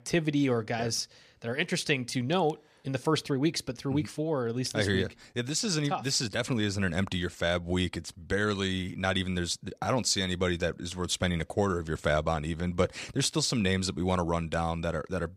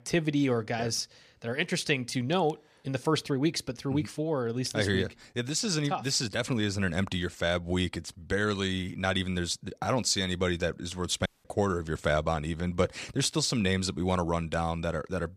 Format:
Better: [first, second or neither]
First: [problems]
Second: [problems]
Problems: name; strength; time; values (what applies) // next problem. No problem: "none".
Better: first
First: none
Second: audio cutting out; at 11 s